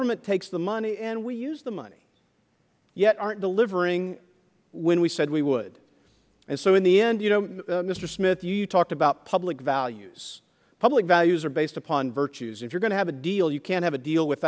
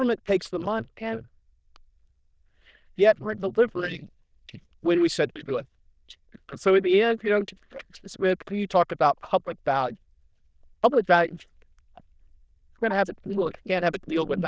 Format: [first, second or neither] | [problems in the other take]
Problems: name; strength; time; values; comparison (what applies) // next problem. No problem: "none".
first | noise reduction (neural diffusion model UNIVERSE++)